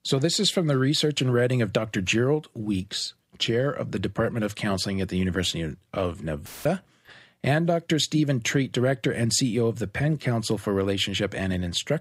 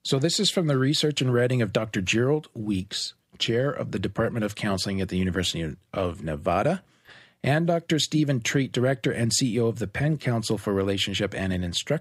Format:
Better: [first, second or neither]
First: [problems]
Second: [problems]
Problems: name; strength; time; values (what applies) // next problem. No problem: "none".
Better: second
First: audio cutting out; filled with static; at 6.5 s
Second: none